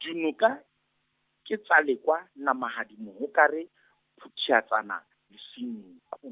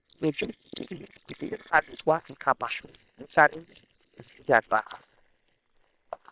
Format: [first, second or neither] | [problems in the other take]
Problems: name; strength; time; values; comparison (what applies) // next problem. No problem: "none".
first | noise reduction (neural separator model SepFormer WHAM!)